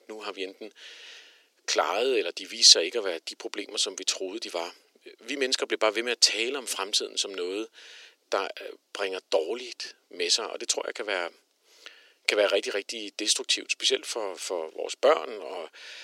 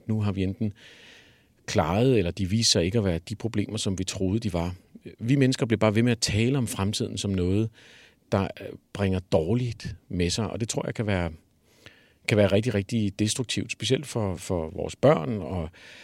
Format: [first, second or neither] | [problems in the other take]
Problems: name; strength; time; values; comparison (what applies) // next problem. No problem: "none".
second | thin; very; fading below 350 Hz